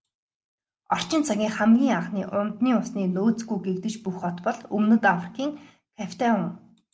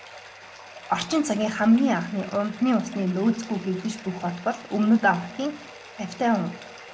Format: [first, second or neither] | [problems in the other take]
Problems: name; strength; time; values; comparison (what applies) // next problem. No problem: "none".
first | background sound (Bathtub (filling or washing)); 18 dB below the speech